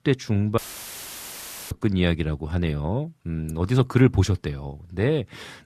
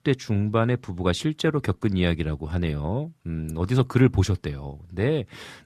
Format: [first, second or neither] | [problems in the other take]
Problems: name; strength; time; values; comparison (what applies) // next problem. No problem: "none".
second | audio cutting out; filled with static; at 0.5 s for 1 s